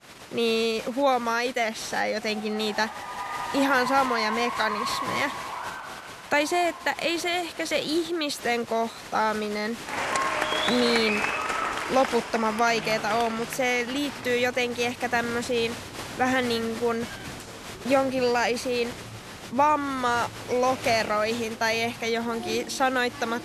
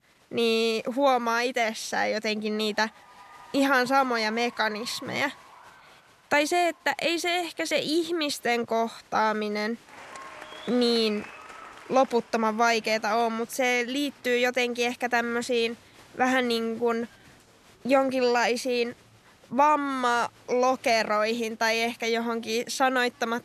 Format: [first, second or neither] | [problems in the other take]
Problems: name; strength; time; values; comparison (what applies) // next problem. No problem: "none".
second | crowd noise; loud; throughout; 7 dB below the speech; faint in the second